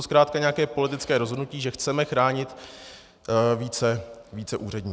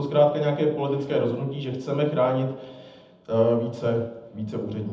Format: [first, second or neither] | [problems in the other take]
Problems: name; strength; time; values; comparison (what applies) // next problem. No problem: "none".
first | room echo; dies away in 0.8 s